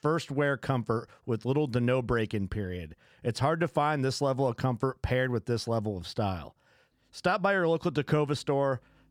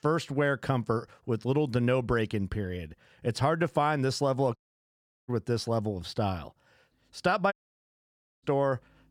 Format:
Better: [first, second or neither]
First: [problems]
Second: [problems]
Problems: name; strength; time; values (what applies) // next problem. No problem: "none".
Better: first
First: none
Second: audio cutting out; at 4.5 s for 0.5 s and at 7.5 s for 1 s